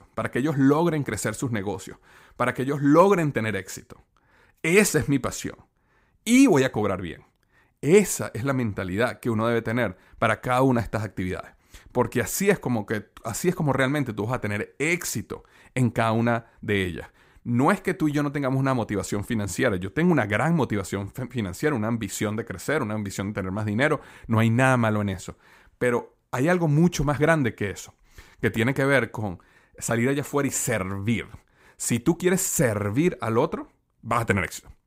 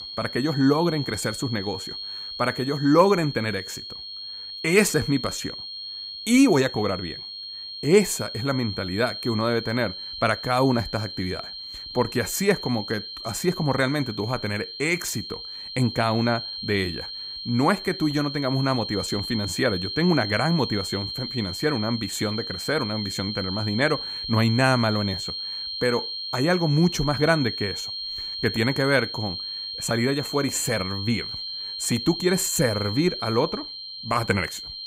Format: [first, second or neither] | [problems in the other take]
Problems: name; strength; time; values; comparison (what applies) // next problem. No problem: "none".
first | high-pitched whine; loud; throughout; 4 kHz, 7 dB below the speech